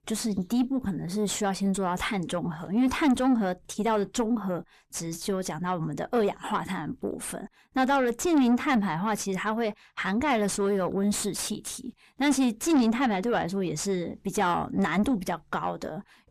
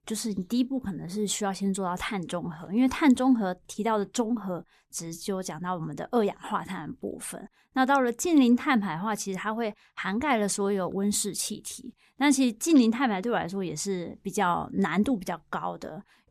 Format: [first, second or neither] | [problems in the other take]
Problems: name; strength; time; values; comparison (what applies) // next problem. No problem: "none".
second | distortion; slight; 9 dB below the speech